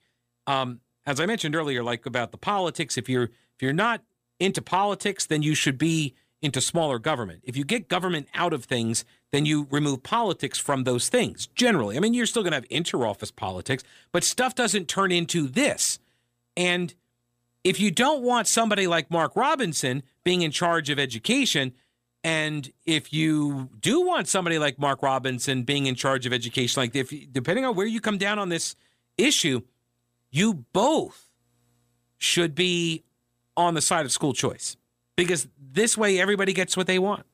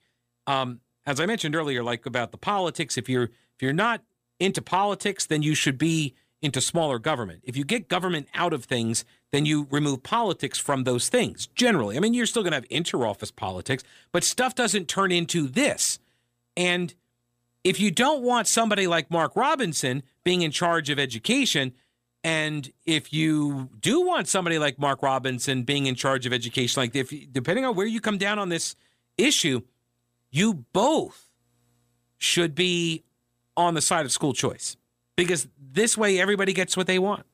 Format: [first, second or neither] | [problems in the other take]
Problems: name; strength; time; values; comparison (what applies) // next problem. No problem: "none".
neither | none